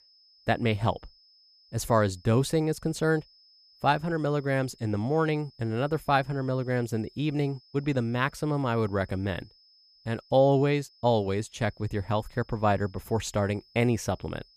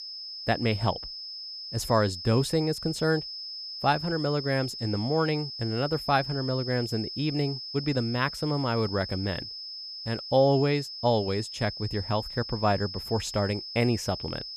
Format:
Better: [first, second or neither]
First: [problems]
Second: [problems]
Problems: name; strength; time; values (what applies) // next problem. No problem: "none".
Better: first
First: high-pitched whine; faint; throughout; 5 kHz, 30 dB below the speech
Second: high-pitched whine; loud; throughout; 5 kHz, 8 dB below the speech